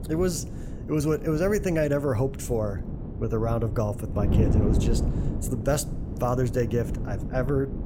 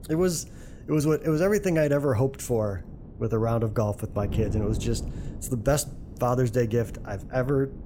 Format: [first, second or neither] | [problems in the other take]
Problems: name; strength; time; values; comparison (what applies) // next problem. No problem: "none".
second | wind noise on the microphone; heavy; 10 dB below the speech; occasional gusts in the second